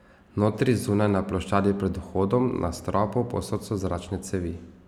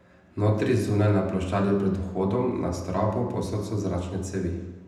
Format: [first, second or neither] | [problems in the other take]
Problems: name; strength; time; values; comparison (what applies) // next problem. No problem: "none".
first | room echo; dies away in 0.8 s